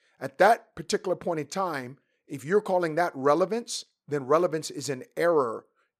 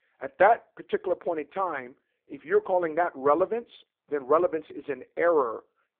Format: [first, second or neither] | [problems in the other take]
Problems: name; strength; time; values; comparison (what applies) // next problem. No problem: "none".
first | phone-call audio; poor line